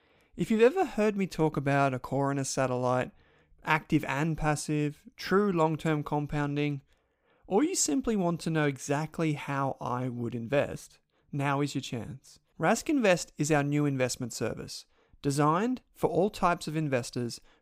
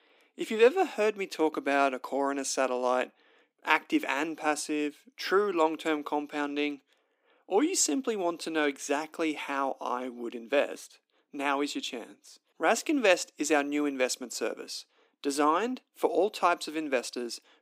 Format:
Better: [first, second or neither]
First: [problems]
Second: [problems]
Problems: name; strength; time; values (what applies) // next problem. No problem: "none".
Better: first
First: none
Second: thin; very slightly; fading below 250 Hz